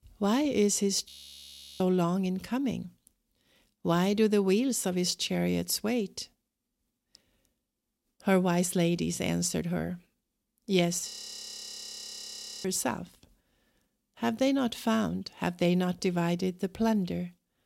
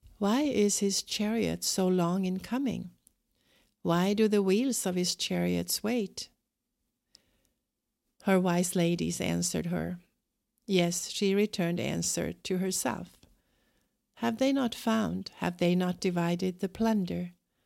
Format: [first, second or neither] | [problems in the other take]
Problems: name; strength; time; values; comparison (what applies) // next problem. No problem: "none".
second | audio freezing; at 1 s for 0.5 s and at 11 s for 1.5 s